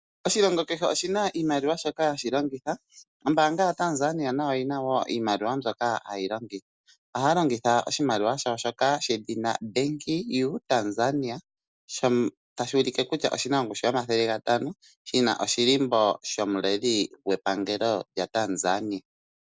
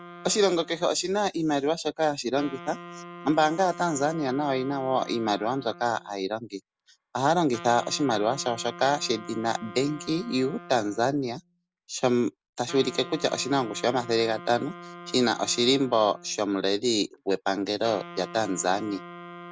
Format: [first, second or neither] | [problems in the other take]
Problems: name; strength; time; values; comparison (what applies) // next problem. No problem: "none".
first | background sound (Wind instrument, woodwind instrument); 17 dB below the speech